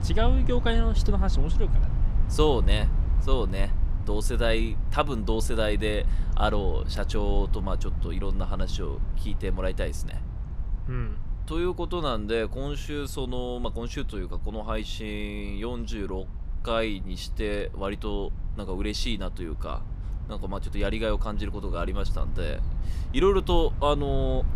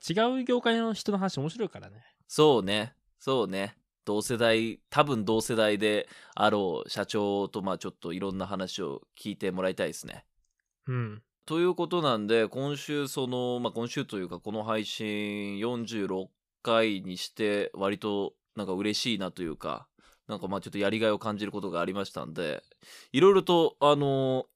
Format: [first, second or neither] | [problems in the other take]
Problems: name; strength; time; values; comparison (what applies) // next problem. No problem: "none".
second | low rumble; noticeable; throughout; 15 dB below the speech